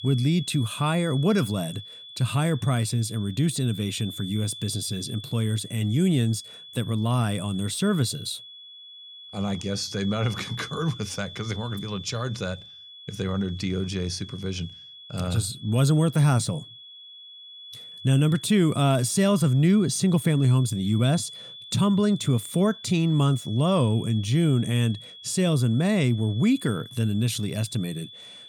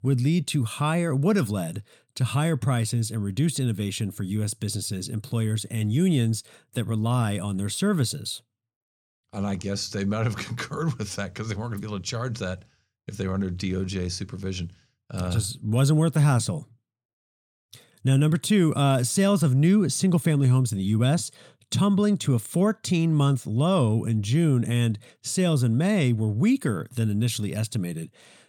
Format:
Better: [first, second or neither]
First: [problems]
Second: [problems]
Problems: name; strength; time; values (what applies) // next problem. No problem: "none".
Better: second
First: high-pitched whine; noticeable; throughout; 3.5 kHz, 15 dB below the speech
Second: none